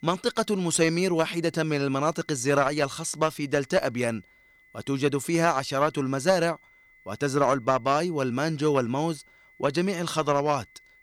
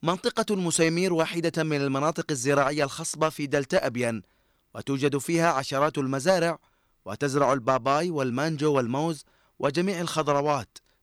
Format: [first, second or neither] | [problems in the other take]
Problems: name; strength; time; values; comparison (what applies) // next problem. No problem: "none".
second | high-pitched whine; faint; throughout; 2 kHz, 30 dB below the speech